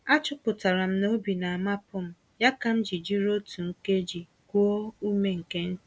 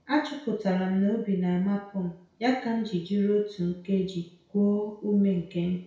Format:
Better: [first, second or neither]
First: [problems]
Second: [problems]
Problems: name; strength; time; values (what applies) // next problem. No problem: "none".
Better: first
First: none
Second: room echo; dies away in 0.6 s